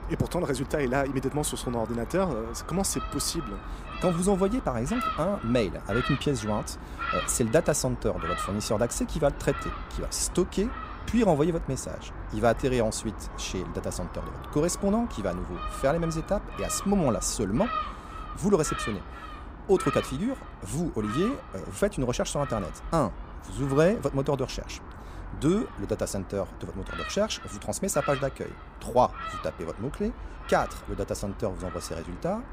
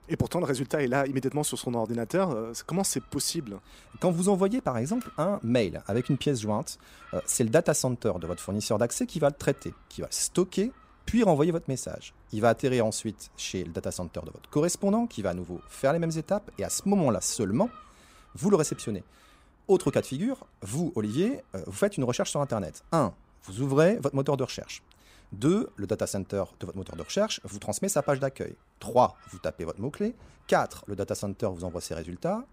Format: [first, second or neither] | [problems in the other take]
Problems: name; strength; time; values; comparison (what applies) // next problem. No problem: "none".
second | animal sounds; loud; throughout; 10 dB below the speech; faint in the second